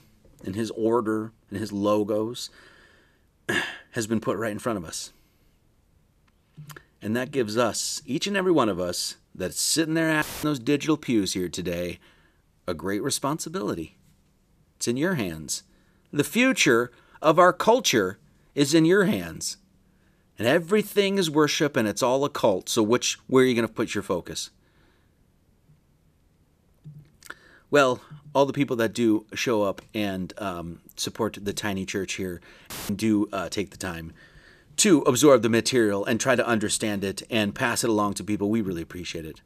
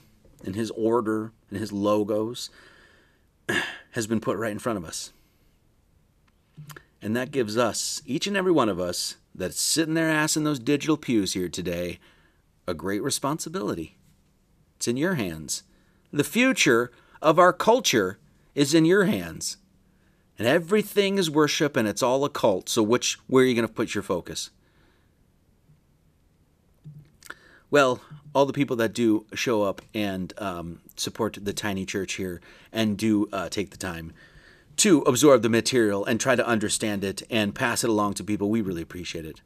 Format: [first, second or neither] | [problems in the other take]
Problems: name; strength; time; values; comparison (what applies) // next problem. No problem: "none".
second | audio cutting out; filled with static; at 10 s and at 33 s